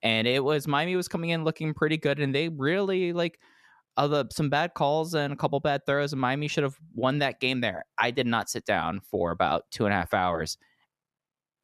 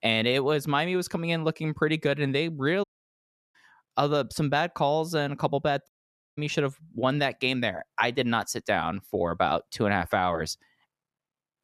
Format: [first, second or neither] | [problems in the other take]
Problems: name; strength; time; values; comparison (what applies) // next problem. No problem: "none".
first | audio cutting out; at 3 s for 0.5 s and at 6 s